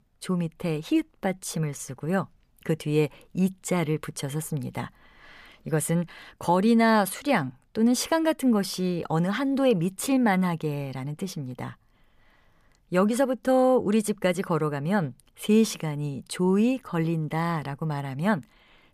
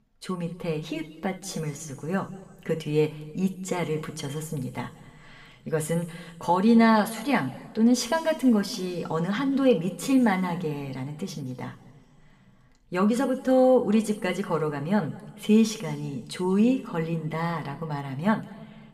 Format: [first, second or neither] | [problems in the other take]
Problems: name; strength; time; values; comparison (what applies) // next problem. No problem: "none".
first | room echo; slight; dies away in 1.8 s